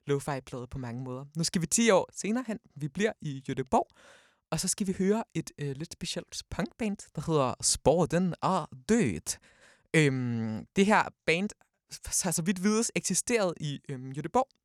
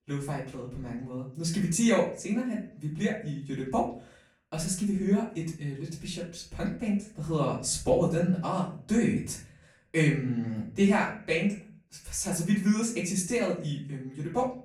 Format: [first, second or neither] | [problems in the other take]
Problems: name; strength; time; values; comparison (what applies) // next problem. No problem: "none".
first | off-mic speech; far // room echo; slight; dies away in 0.4 s